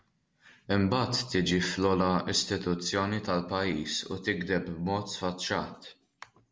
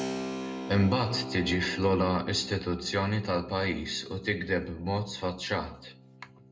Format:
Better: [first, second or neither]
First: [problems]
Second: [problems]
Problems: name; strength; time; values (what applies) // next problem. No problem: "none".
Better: first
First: none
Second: background sound (Keyboard (musical)); 10 dB below the speech // room echo; dies away in 0.2 s